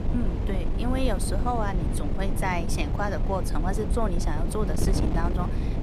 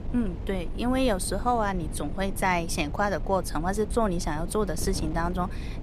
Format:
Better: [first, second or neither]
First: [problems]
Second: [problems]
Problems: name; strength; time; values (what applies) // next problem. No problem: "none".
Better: second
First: wind noise on the microphone; heavy; 6 dB below the speech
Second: wind noise on the microphone; occasional gusts; 15 dB below the speech